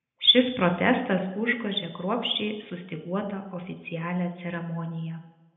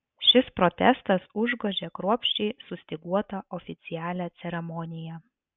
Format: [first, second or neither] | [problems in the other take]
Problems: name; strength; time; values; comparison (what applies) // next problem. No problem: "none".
second | room echo; dies away in 0.8 s